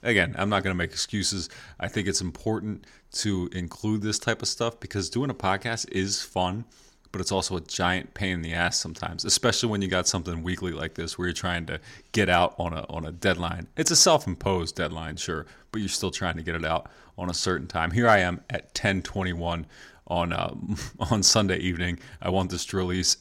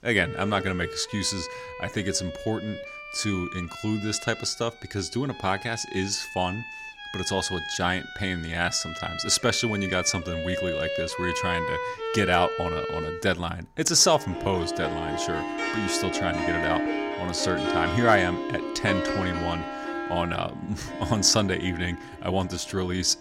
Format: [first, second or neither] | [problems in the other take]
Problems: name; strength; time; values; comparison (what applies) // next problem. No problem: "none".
first | background music; loud; throughout; 5 dB below the speech